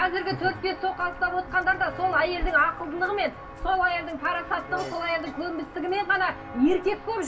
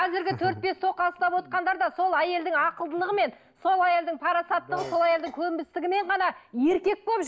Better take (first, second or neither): second